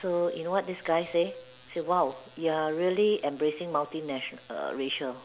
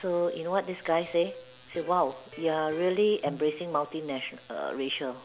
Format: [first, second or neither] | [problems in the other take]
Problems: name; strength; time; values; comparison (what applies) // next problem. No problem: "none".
first | background sound (Electric guitar); 19 dB below the speech